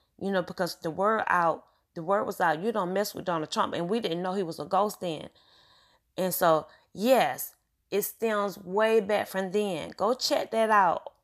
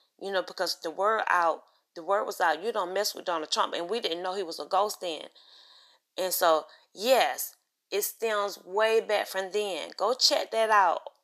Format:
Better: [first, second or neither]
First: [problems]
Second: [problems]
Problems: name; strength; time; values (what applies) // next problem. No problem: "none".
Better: first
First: none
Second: thin; somewhat; fading below 350 Hz